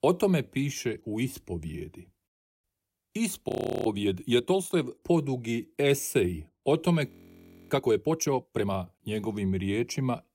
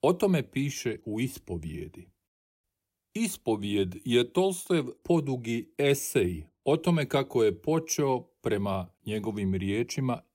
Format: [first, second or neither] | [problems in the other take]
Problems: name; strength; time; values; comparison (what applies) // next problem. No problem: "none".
second | audio freezing; at 3.5 s and at 7 s for 0.5 s